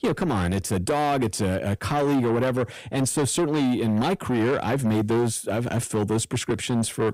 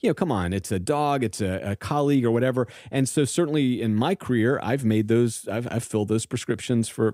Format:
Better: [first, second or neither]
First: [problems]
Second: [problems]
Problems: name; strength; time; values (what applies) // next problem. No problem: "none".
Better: second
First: distortion; heavy; 7 dB below the speech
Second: none